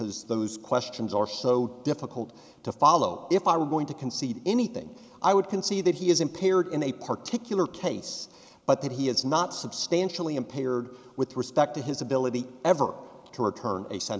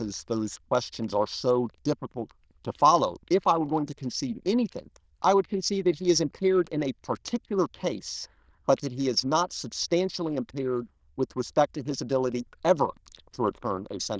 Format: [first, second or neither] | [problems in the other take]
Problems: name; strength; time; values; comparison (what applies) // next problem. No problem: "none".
first | noise reduction (neural diffusion model UNIVERSE++)